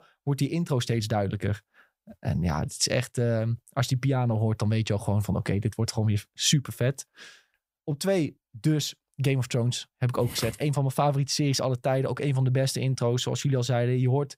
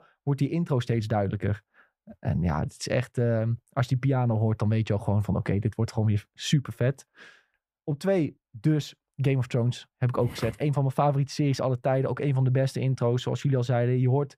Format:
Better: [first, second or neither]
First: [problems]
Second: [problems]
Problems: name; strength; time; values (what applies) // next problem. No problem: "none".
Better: first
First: none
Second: muffled; slightly; fading above 3 kHz